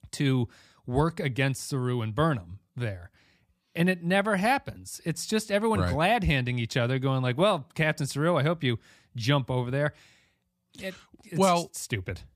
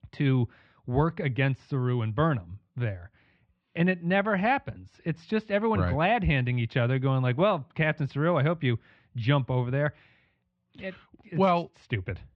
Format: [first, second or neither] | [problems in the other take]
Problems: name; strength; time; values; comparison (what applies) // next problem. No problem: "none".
first | muffled; very; fading above 3 kHz